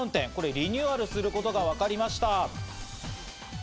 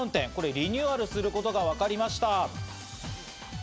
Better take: second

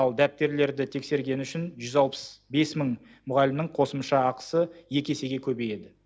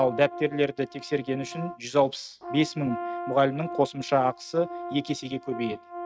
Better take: first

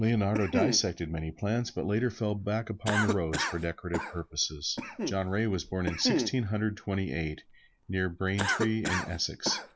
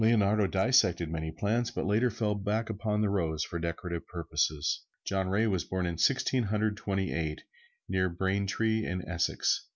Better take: second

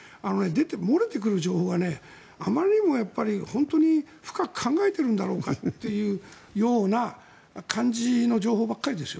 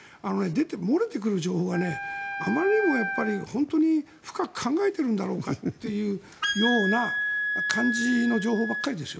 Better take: first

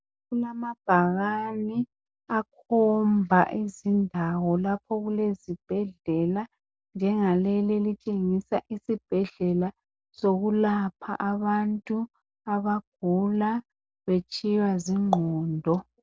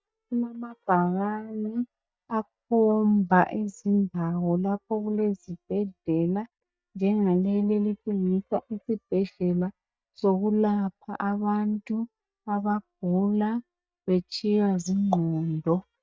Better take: first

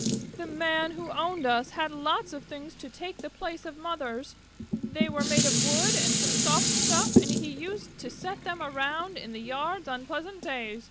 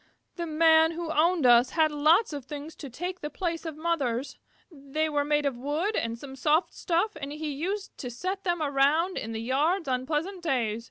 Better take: second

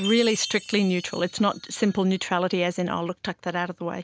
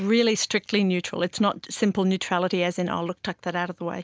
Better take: second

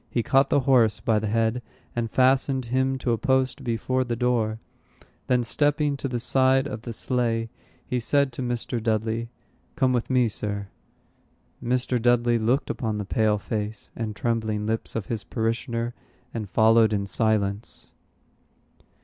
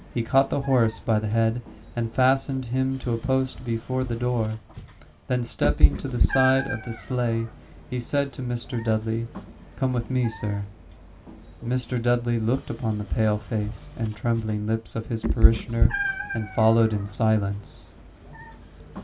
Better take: first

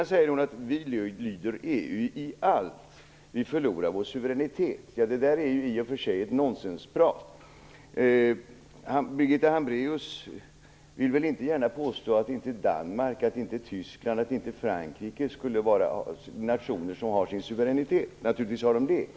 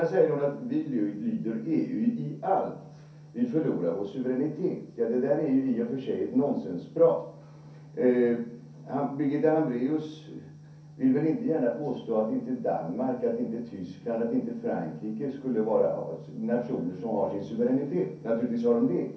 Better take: first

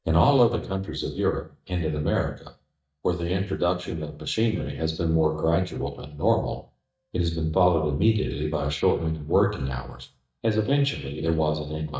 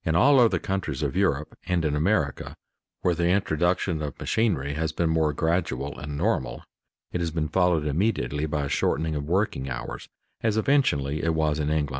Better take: second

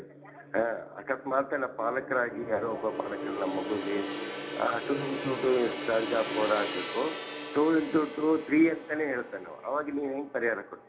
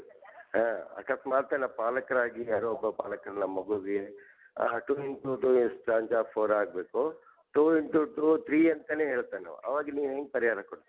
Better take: second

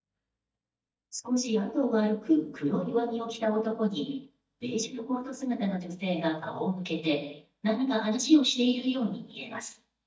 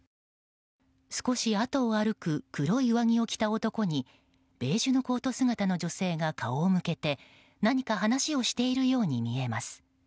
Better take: second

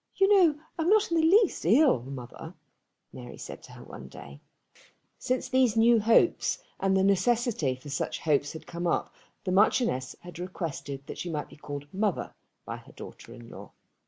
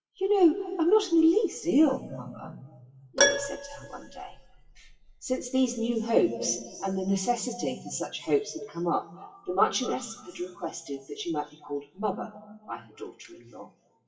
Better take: first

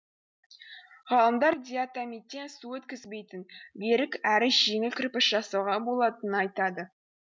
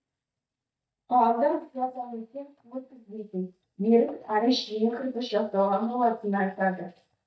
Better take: first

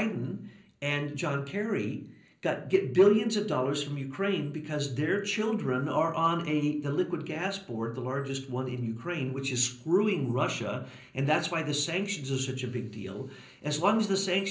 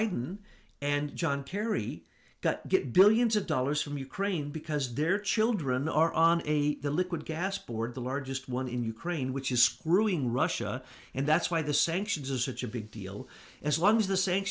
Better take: second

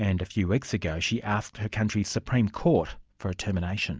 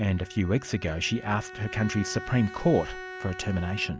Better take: first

